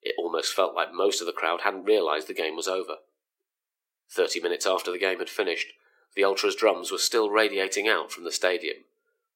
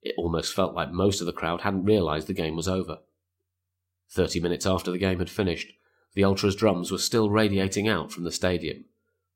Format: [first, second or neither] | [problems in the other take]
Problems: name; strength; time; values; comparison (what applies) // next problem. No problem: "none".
second | thin; very; fading below 350 Hz